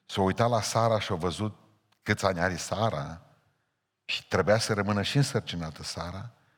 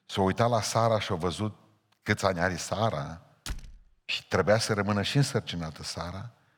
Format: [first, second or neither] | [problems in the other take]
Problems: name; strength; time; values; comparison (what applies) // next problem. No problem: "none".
first | door banging; faint; at 3.5 s; peak 10 dB below the speech